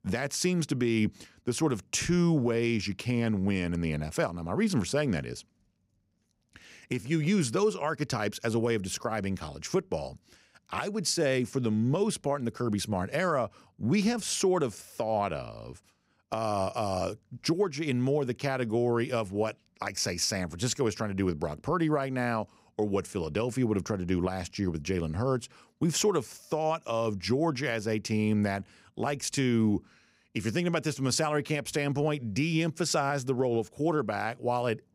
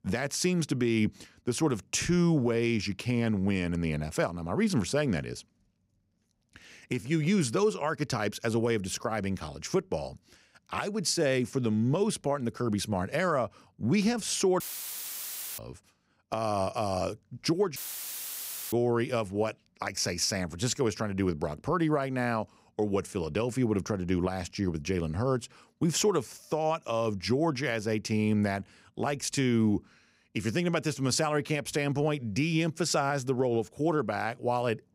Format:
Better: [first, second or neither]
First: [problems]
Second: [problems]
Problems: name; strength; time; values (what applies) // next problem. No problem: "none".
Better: first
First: none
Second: audio cutting out; filled with static; at 15 s for 1 s and at 18 s for 1 s